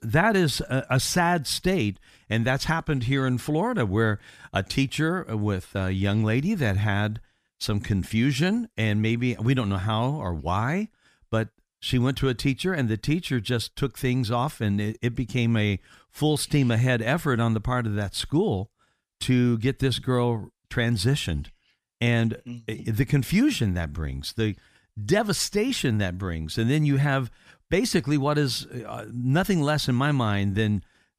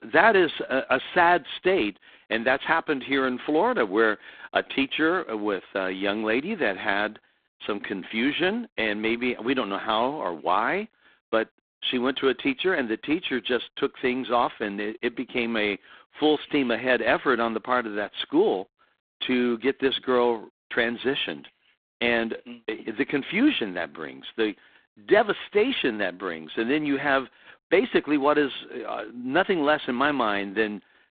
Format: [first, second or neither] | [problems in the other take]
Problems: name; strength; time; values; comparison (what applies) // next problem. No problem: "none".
first | phone-call audio; poor line